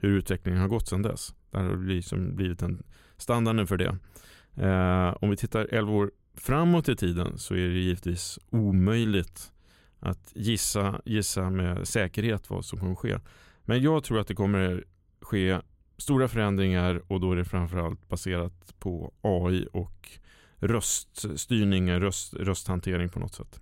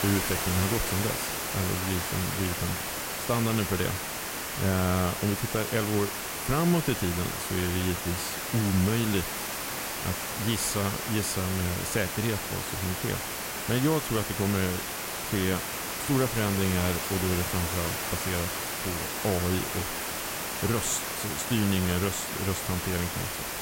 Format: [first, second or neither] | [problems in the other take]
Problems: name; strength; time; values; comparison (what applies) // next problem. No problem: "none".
first | hiss; loud; throughout; 1 dB below the speech